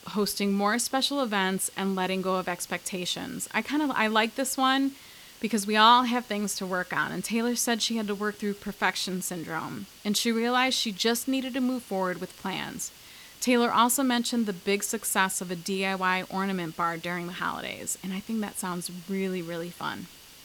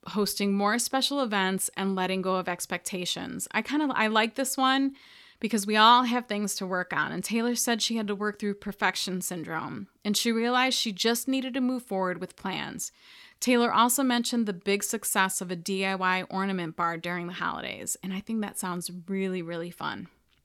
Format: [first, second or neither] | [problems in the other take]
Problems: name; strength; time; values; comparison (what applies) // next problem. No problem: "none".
second | hiss; faint; throughout; 20 dB below the speech